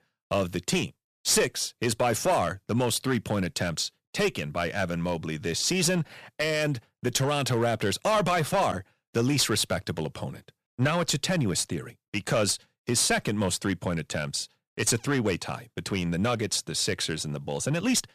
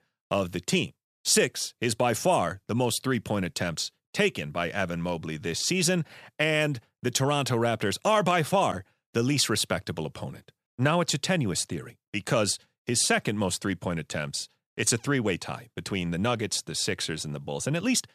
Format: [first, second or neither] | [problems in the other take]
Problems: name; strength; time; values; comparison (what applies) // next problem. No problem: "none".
second | distortion; slight; 4% of the sound clipped